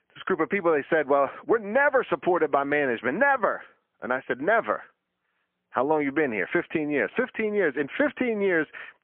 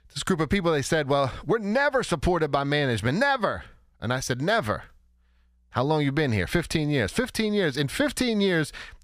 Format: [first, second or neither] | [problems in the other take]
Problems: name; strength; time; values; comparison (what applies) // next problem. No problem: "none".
second | phone-call audio; poor line; nothing above 3.5 kHz